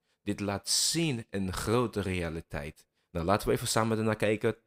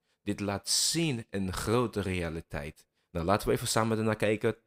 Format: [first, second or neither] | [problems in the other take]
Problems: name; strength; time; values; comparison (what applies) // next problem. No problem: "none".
neither | none